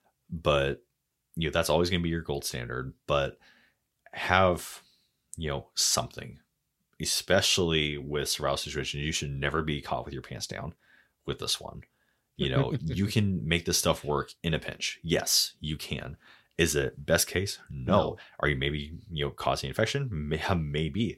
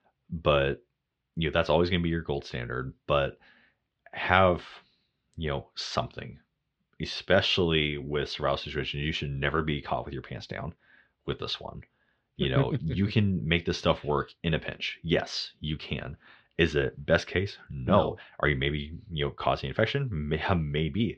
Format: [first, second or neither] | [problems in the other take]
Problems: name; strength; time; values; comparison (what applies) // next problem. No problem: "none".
first | muffled; slightly; fading above 3.5 kHz